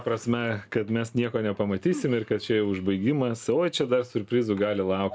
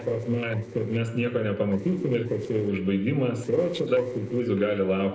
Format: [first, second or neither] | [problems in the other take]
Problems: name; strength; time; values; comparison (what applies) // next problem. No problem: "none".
first | noise reduction (neural separator model SepFormer DNS4)